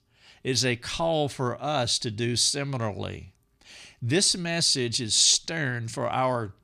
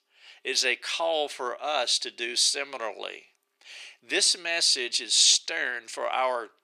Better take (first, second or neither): first